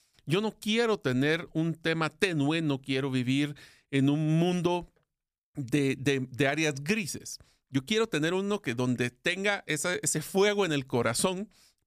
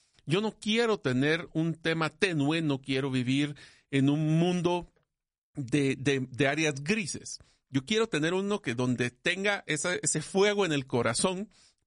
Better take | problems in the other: first | garbled, watery; slightly; nothing above 10 kHz

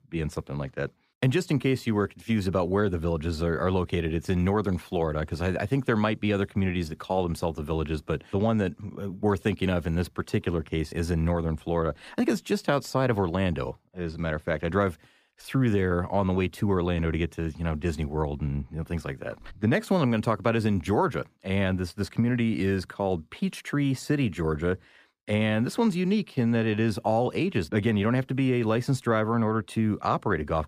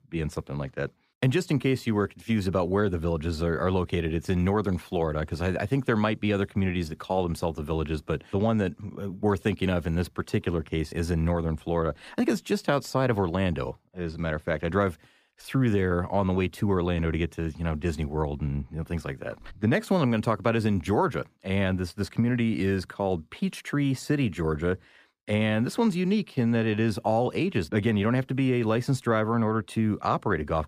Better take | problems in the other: neither | none

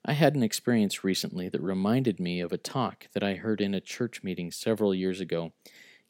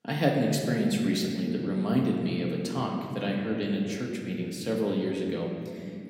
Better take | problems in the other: first | room echo; noticeable; dies away in 2.6 s // off-mic speech; somewhat distant

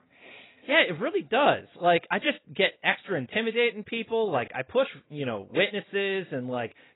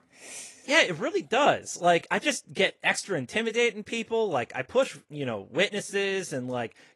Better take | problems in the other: second | garbled, watery; badly; nothing above 4 kHz; slightly in the second

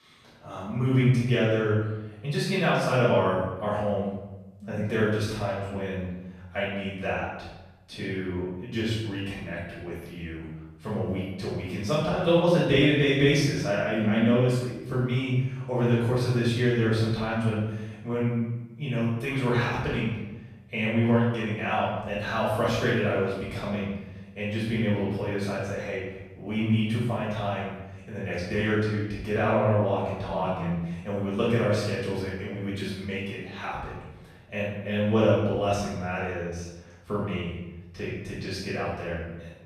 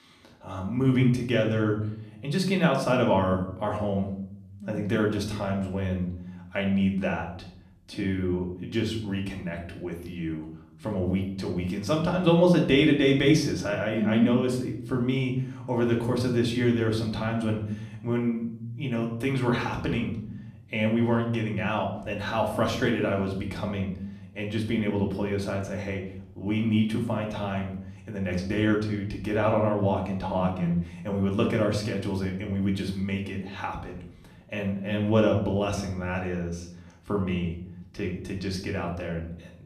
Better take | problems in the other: second | room echo; strong; dies away in 0.9 s; slight in the second // off-mic speech; far; somewhat distant in the second

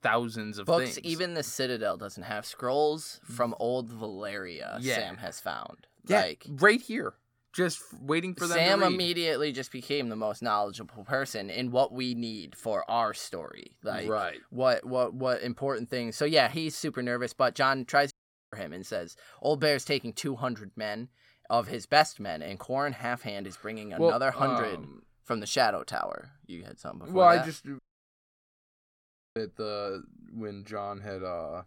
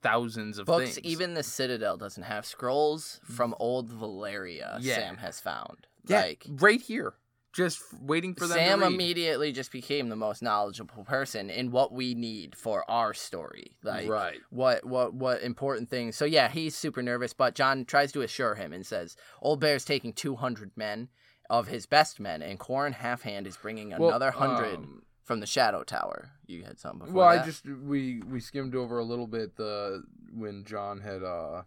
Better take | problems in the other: second | audio cutting out; at 18 s and at 28 s for 1.5 s

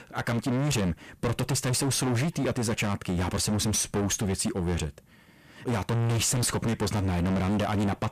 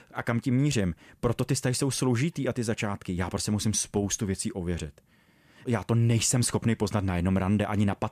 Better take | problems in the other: second | distortion; heavy; 31% of the sound clipped

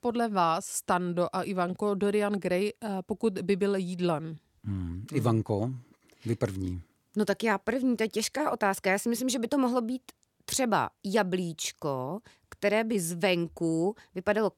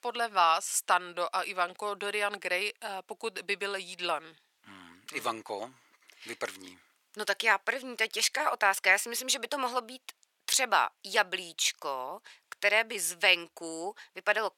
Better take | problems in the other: first | thin; very; fading below 800 Hz

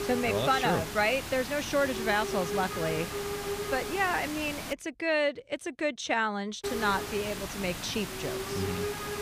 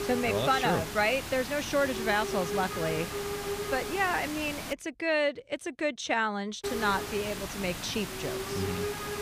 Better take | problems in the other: neither | hiss; loud; until 4.5 s and from 6.5 s on; 5 dB below the speech; the same in both

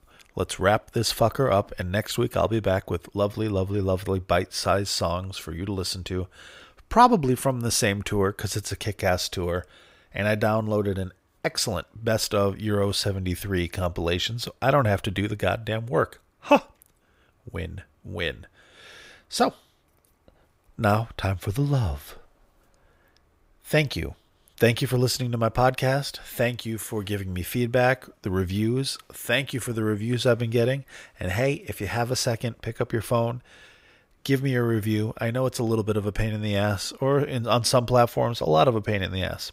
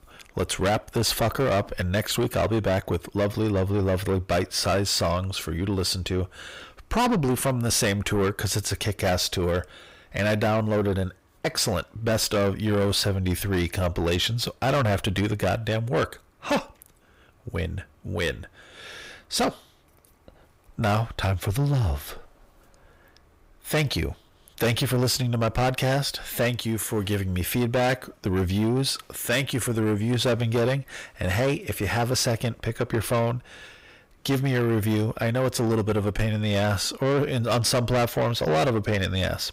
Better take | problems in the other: first | distortion; heavy; 7 dB below the speech

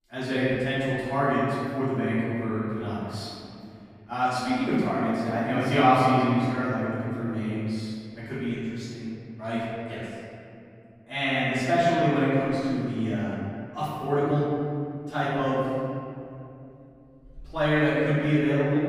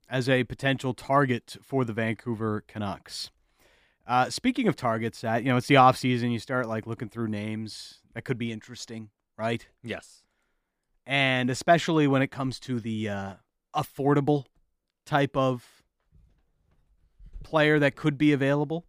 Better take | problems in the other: second | off-mic speech; far // room echo; strong; dies away in 2.5 s

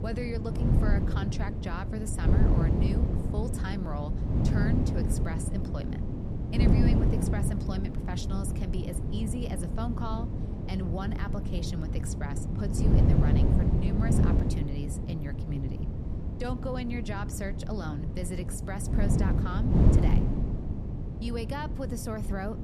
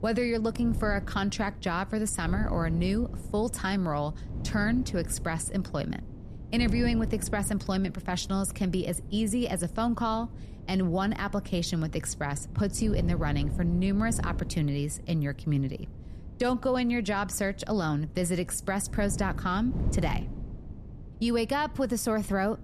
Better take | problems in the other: second | wind noise on the microphone; heavy; as loud as the speech; occasional gusts in the second

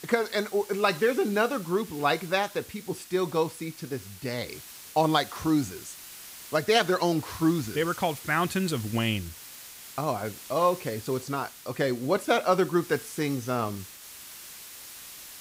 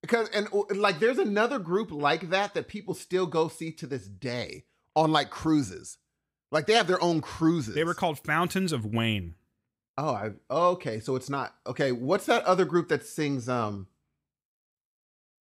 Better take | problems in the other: second | hiss; noticeable; throughout; 15 dB below the speech

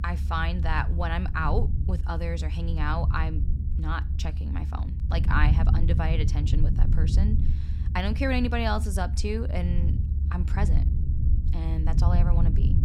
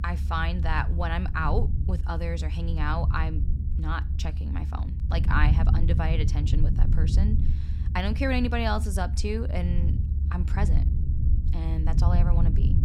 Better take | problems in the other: neither | low rumble; loud; throughout; 10 dB below the speech; the same in both

